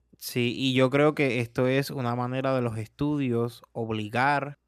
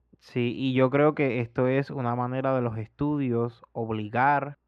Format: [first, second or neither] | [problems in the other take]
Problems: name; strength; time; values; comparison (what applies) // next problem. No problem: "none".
first | muffled; very; fading above 2 kHz